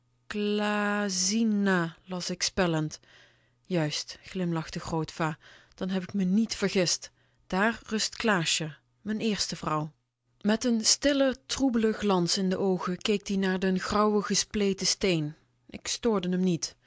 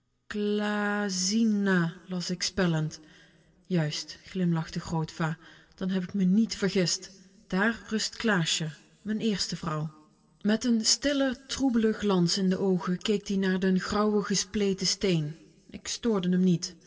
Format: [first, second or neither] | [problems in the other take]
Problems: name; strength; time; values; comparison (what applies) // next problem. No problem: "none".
first | room echo; dies away in 1.5 s